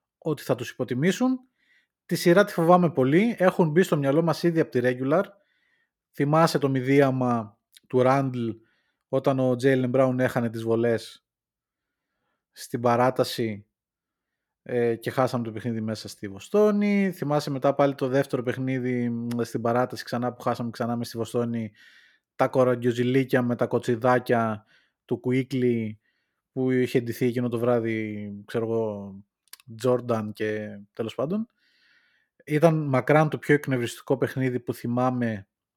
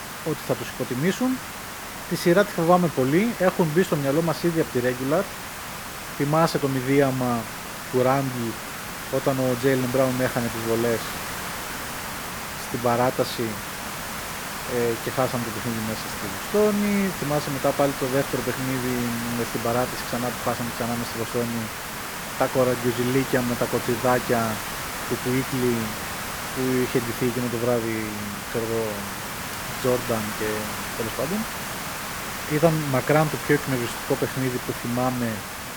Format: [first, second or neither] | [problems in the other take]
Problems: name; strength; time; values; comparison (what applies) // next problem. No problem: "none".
first | hiss; loud; throughout; 6 dB below the speech